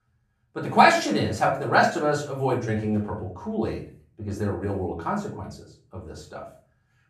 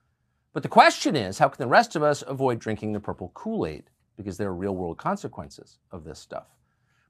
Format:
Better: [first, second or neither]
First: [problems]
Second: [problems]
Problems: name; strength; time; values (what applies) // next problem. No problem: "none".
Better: second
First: off-mic speech; far // room echo; slight; dies away in 0.4 s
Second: none